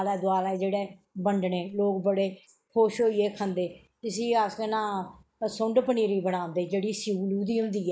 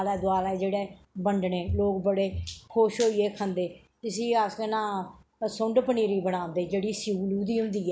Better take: second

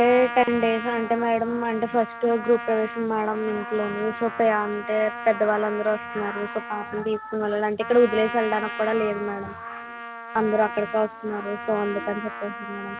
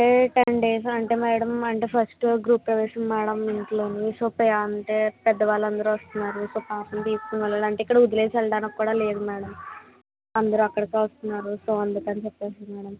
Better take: second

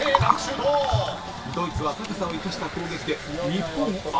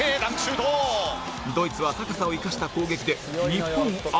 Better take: second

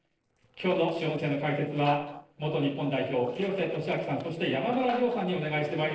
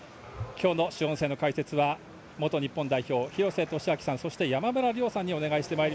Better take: second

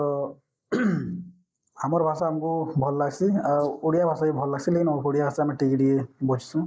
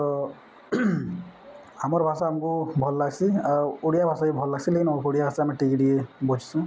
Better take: second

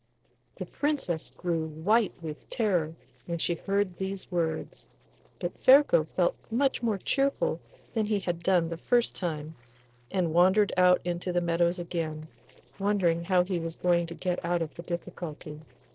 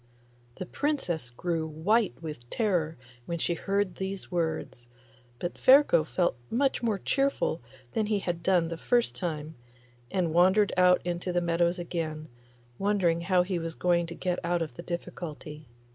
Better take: second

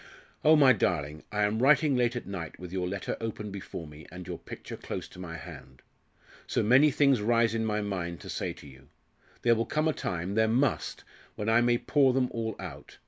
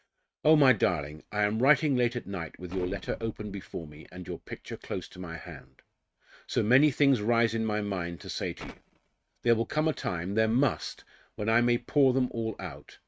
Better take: first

